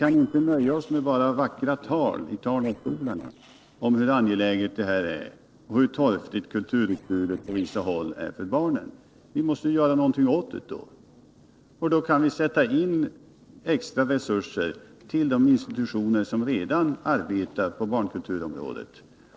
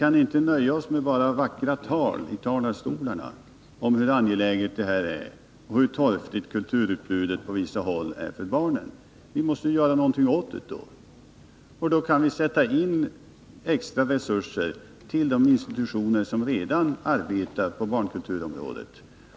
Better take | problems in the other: second | noise reduction (neural separator model SepFormer DNS4)

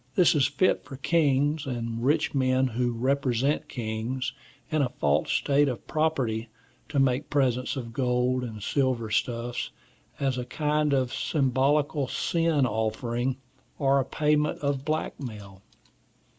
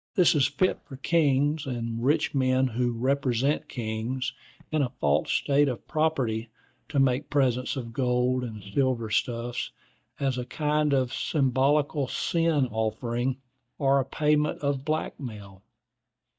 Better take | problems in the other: first | noise reduction (neural mask model DeepFilterNet 3)

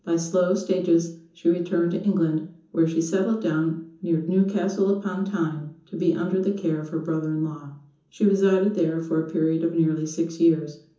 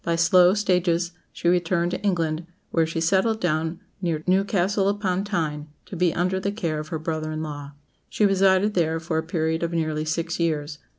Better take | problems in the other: second | room echo; dies away in 0.6 s

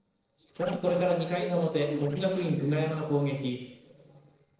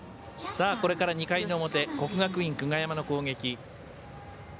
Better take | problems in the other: second | noise reduction (neural separator model SepFormer DNS4)

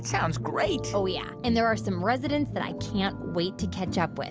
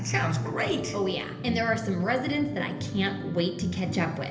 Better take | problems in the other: first | room echo; dies away in 1.4 s

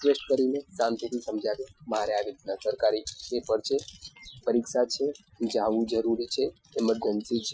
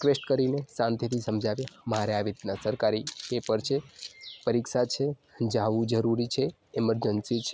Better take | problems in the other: second | noise reduction (classical method Wiener filter)

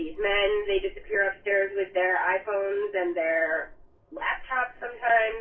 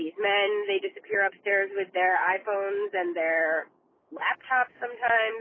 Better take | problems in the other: second | background sound (Wind); 18 dB below the speech // room echo; dies away in 0.3 s

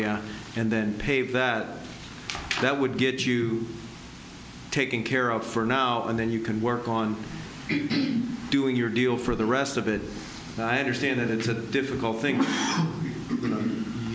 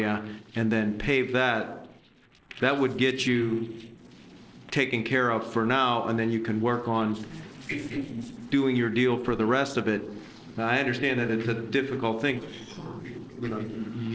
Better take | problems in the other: first | noise reduction (neural separator model SepFormer DNS4)

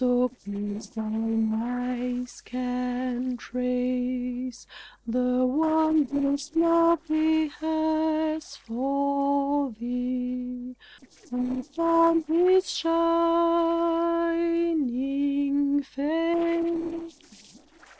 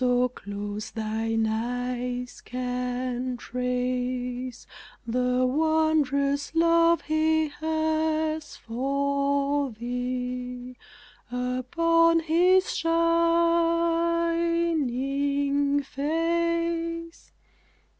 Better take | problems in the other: second | noise reduction (neural separator model SepFormer DNS4)

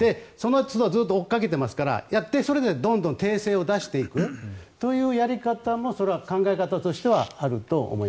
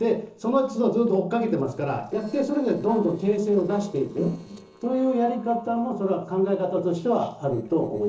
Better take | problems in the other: first | noise reduction (neural separator model SepFormer DNS4)

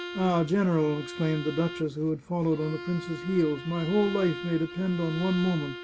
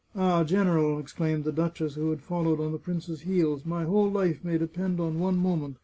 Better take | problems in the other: second | background sound (Bowed string instrument); 11 dB below the speech

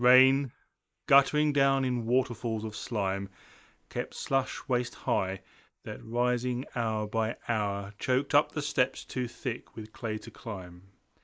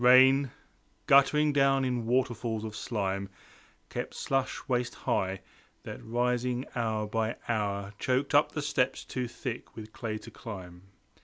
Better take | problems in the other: second | noise reduction (neural mask model Resemble Enhance denoiser)

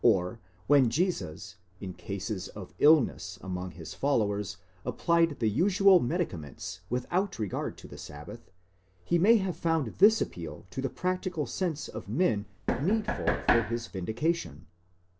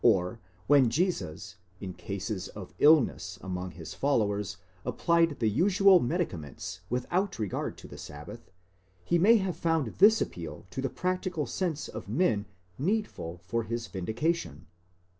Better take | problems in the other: second | background sound (Knock); 2 dB below the speech

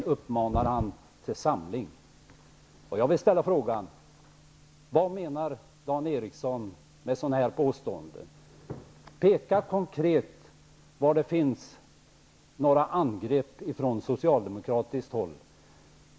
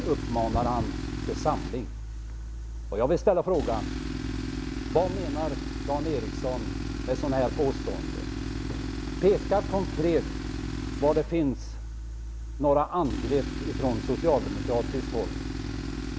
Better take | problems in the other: first | background sound (Tools); 4 dB below the speech

